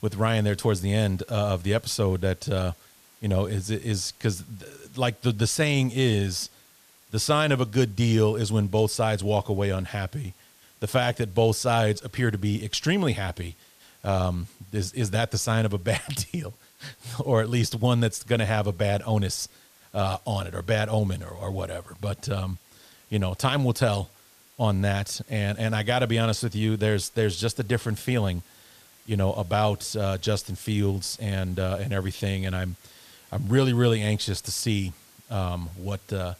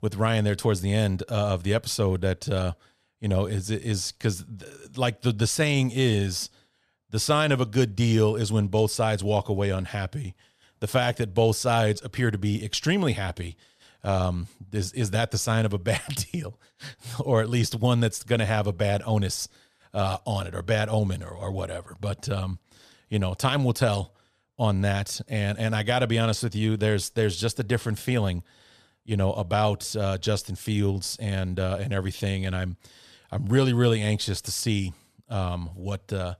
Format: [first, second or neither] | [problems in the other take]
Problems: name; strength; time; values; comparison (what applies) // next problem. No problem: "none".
second | hiss; faint; throughout; 25 dB below the speech